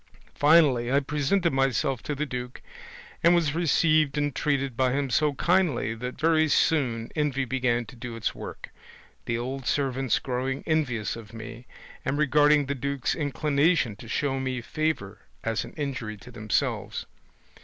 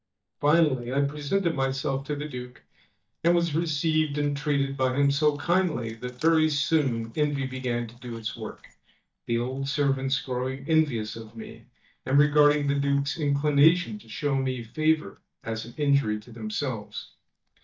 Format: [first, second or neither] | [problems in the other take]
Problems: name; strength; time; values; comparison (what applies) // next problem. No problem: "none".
first | noise reduction (neural mask model DeepFilterNet 3)